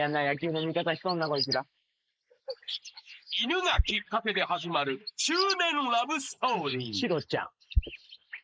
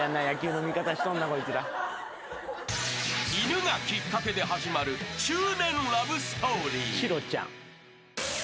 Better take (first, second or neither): second